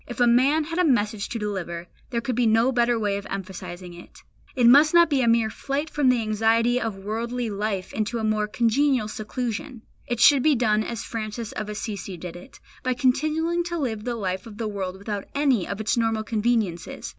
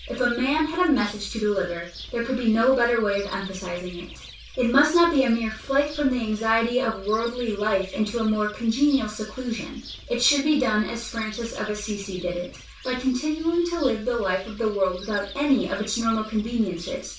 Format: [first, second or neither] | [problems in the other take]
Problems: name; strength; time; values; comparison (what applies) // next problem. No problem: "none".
first | background sound (Bird); 19 dB below the speech // room echo; dies away in 0.2 s